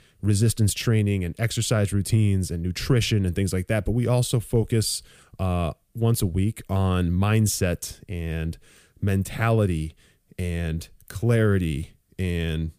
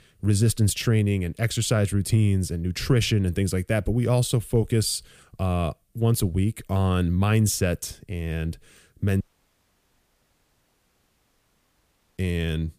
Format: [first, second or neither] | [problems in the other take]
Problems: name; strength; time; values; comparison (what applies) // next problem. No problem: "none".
first | audio cutting out; at 9 s for 3 s